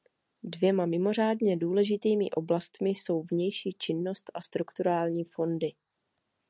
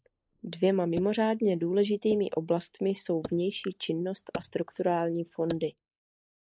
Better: first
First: none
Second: noise reduction (neural mask model Resemble Enhance denoiser)

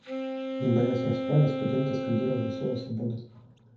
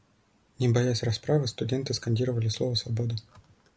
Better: second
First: background sound (Wind instrument, woodwind instrument); 4 dB below the speech // room echo; dies away in 0.6 s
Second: none

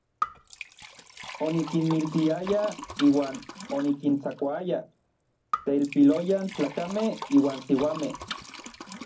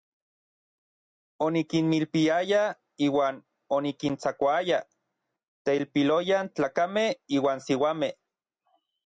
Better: second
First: background sound (Liquid); 13 dB below the speech // room echo; dies away in 0.4 s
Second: none

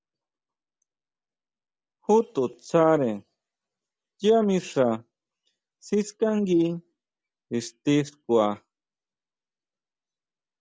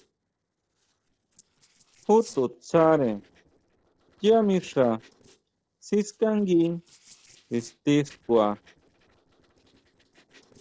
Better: first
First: none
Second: noise reduction (neural separator model SepFormer DNS4)

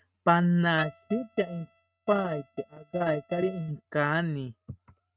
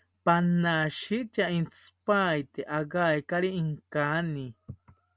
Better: second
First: noise reduction (neural mask model RNNoise)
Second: none

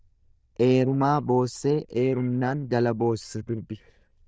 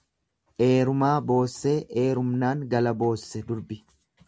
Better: second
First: noise reduction (neural diffusion model UNIVERSE++)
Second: none

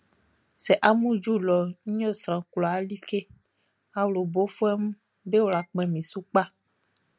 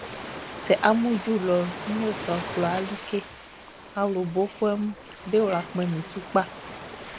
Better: first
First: none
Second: background sound (Ocean); 11 dB below the speech

